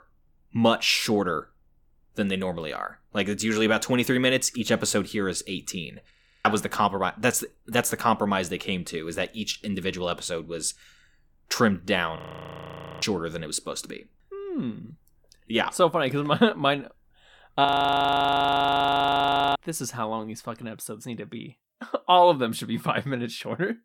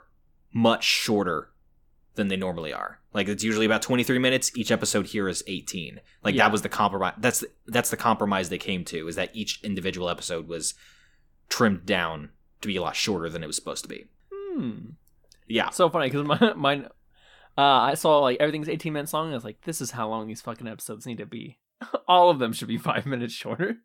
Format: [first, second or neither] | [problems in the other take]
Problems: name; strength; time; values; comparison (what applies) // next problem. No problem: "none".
second | audio freezing; at 6 s, at 12 s for 1 s and at 18 s for 2 s